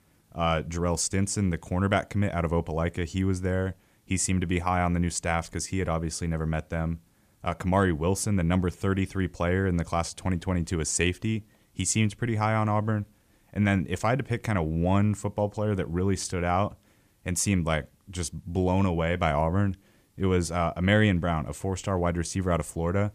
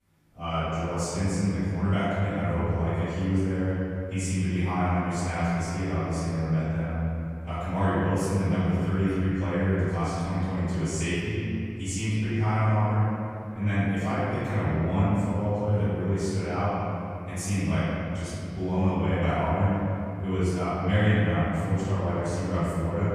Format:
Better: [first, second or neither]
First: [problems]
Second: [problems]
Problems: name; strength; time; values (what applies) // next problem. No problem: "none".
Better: first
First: none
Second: off-mic speech; far // room echo; strong; dies away in 2.8 s